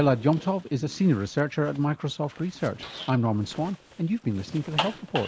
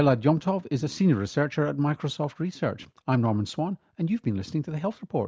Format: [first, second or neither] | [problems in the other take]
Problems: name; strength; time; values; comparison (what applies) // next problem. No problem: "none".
second | background sound (Zipper (clothing)); 13 dB below the speech